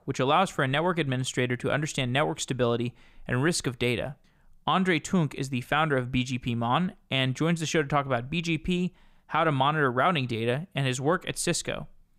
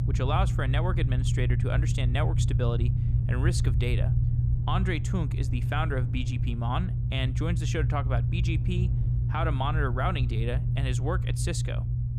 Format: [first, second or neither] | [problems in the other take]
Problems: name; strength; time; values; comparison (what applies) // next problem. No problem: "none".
first | low rumble; loud; throughout; 7 dB below the speech